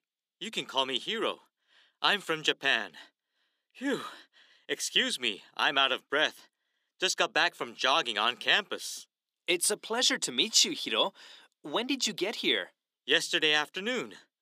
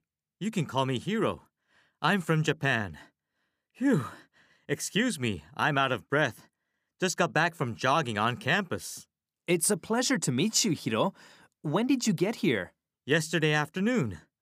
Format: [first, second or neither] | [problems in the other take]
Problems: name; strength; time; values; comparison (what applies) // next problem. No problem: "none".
second | thin; somewhat; fading below 300 Hz